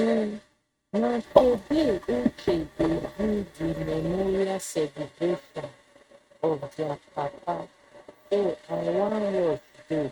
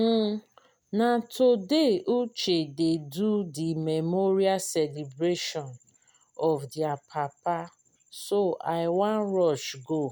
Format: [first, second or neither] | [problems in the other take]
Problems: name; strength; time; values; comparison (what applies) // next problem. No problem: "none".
second | noise reduction (neural mask model RNNoise)